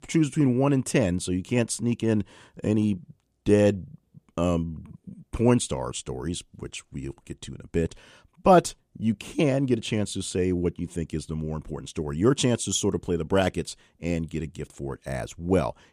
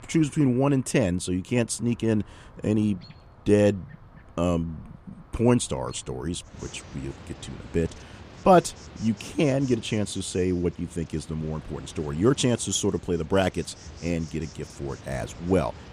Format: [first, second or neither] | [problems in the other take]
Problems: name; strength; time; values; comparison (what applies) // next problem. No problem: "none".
first | animal sounds; faint; throughout; 20 dB below the speech